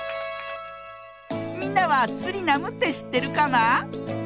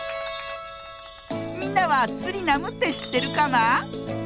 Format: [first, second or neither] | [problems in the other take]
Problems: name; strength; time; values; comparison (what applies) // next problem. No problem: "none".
first | background sound (Chime); 18 dB below the speech